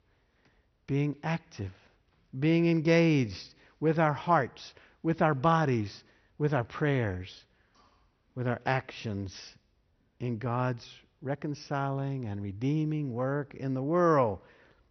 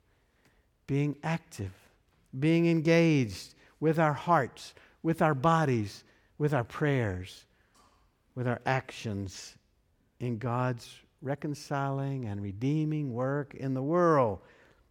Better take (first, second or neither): second